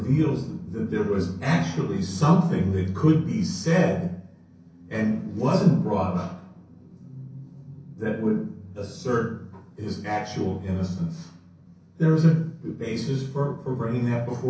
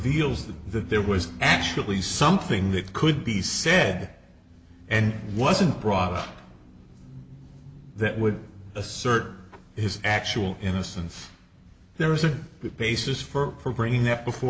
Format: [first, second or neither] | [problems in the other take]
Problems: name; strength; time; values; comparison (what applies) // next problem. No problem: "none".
second | room echo; dies away in 0.6 s